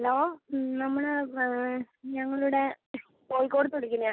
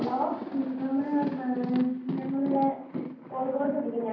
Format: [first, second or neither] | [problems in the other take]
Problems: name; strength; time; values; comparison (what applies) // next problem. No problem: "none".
first | background sound (Thunder); 10 dB below the speech // room echo; dies away in 0.9 s